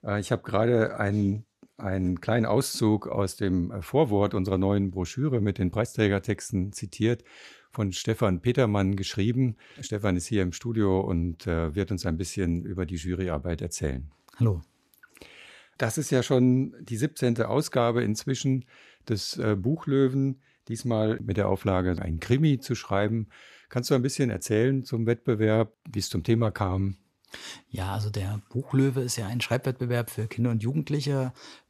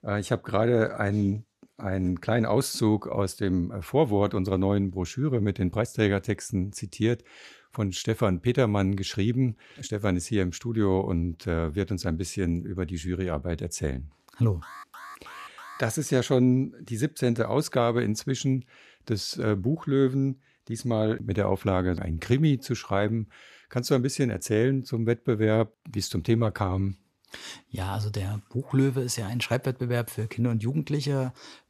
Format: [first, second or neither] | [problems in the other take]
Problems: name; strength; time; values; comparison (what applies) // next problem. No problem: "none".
first | alarm; faint; from 15 to 16 s; peak 15 dB below the speech